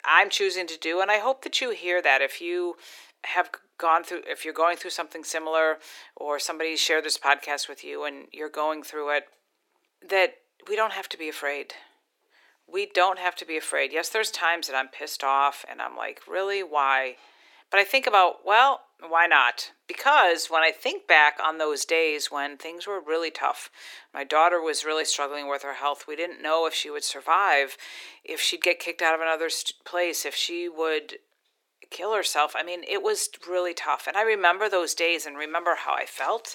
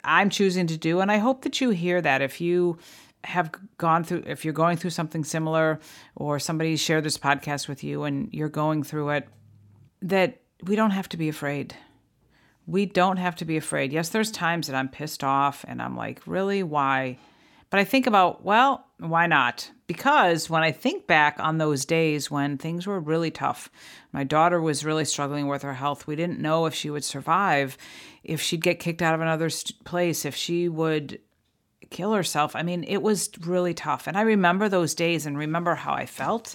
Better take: second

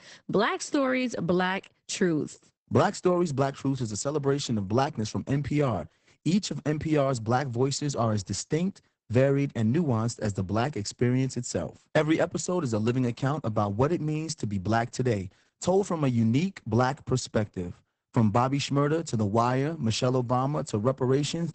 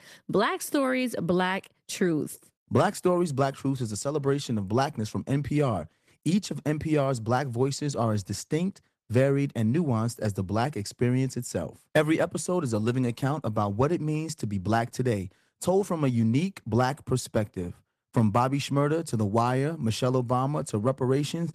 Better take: second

